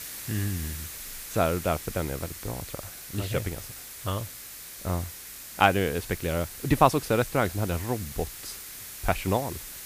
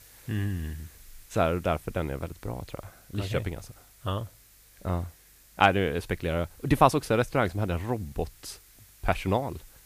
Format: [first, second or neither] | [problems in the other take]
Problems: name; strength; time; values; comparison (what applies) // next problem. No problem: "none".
second | hiss; loud; throughout; 10 dB below the speech; faint in the second